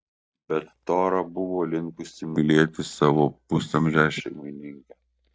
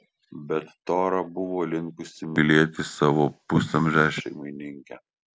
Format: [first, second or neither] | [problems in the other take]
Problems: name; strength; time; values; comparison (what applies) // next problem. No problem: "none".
second | noise reduction (neural mask model DeepFilterNet 3)